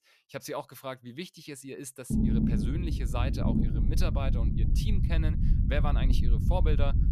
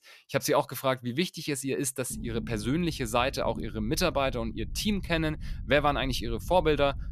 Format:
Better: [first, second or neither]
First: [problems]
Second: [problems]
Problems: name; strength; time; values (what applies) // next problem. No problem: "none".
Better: second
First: low rumble; loud; from 2 s on; 1 dB below the speech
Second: low rumble; faint; from 2 s on; 25 dB below the speech